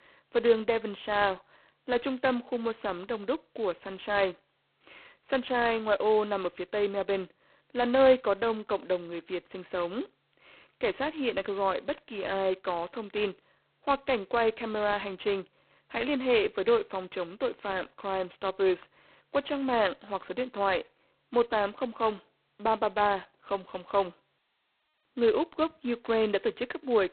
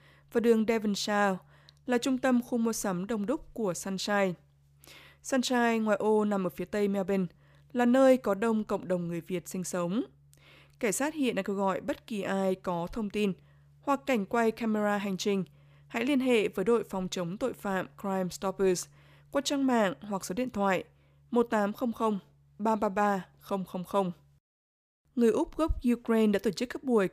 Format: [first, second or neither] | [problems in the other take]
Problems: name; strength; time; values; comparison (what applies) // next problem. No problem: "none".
second | phone-call audio; poor line; nothing above 4 kHz